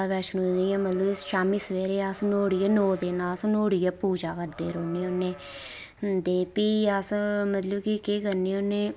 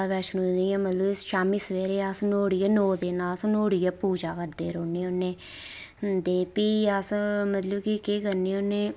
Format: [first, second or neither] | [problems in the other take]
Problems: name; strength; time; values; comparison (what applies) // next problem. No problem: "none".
second | background sound (Livestock, farm animals, working animals); 19 dB below the speech